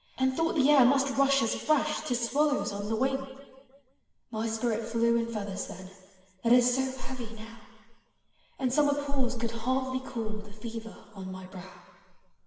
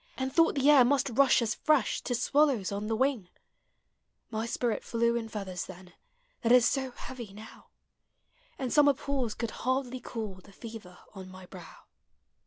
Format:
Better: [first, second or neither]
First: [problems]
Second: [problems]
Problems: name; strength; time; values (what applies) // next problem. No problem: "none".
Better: second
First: room echo; dies away in 1.5 s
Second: none